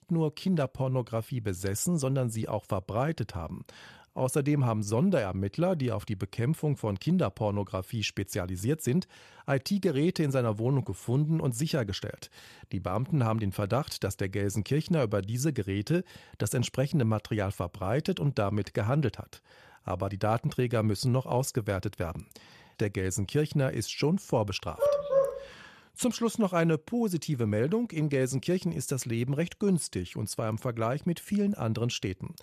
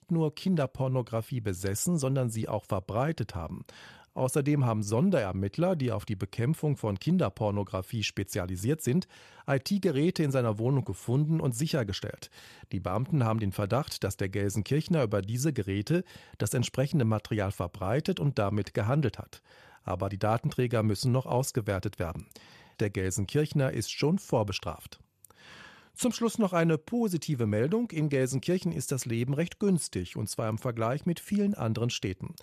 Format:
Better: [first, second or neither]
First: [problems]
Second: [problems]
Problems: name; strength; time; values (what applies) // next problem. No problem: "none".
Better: second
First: dog barking; loud; at 25 s; peak 4 dB above the speech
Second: none